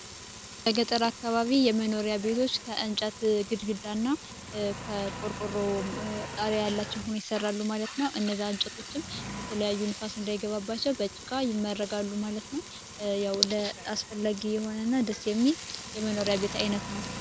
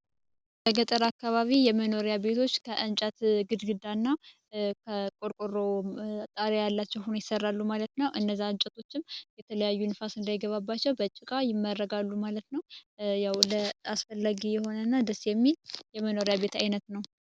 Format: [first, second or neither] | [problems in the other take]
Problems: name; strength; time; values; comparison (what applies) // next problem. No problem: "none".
second | background sound (Engine + Frying (food)); 11 dB below the speech